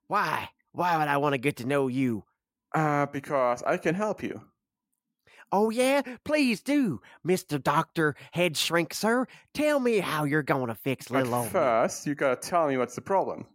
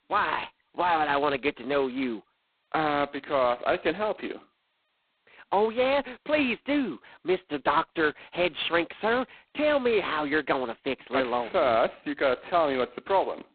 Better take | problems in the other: first | phone-call audio; poor line; nothing above 4 kHz

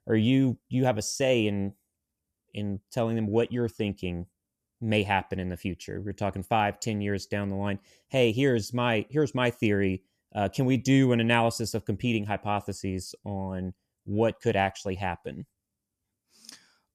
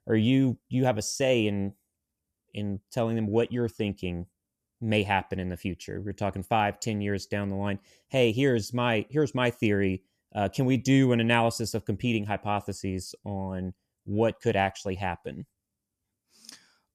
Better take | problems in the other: neither | none

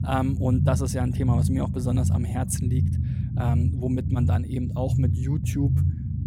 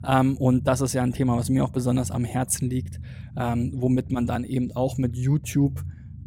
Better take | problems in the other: second | low rumble; loud; throughout; 5 dB below the speech; faint in the second

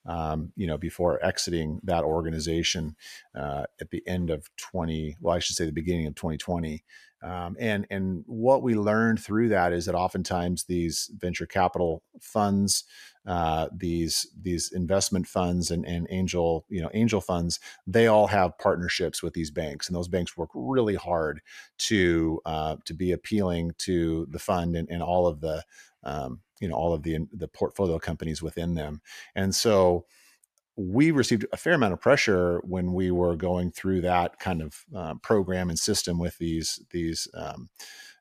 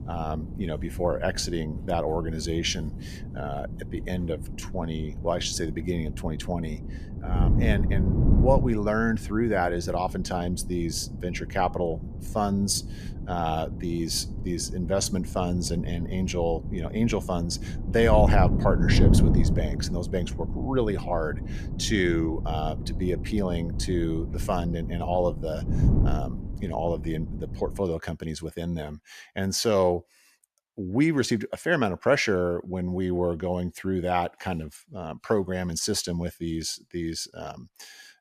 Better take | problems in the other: first | wind noise on the microphone; occasional gusts; until 28 s; 10 dB below the speech

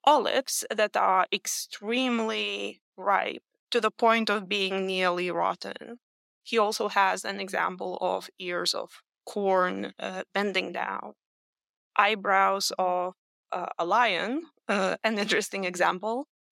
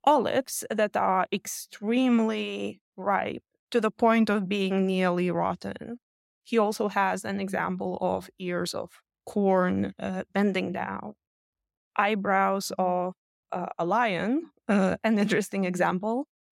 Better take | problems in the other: second | thin; somewhat; fading below 300 Hz

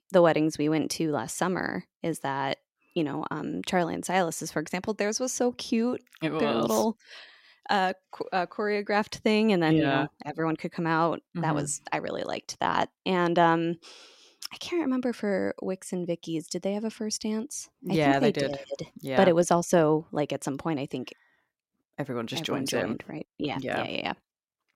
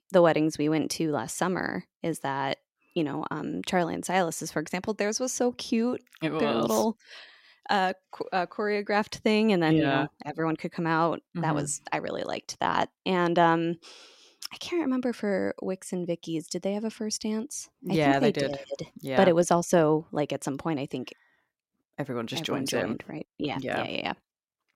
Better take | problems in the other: neither | none

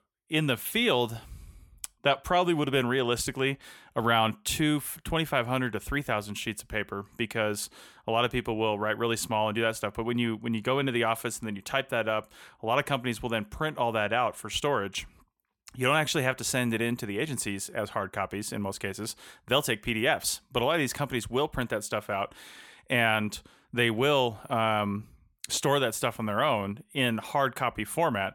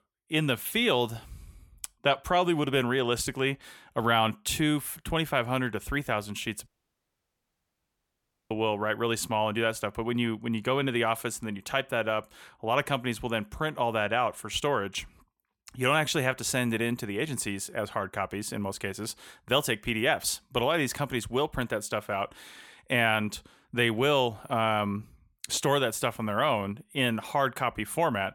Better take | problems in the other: first | audio cutting out; at 6.5 s for 2 s

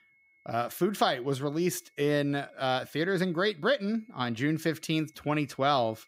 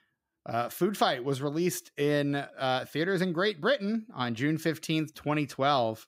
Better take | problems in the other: second | high-pitched whine; faint; throughout; 2 kHz, 35 dB below the speech

